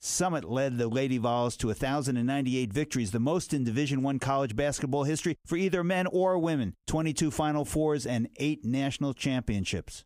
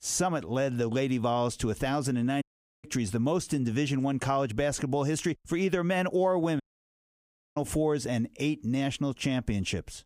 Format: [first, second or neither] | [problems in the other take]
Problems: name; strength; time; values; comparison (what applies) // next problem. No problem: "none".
first | audio cutting out; at 2.5 s and at 6.5 s for 1 s